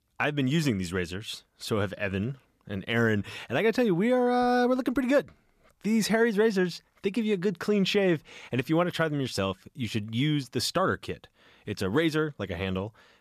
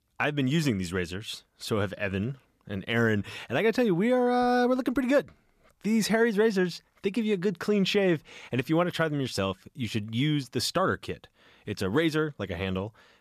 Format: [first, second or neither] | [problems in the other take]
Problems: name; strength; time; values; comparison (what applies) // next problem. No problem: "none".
neither | none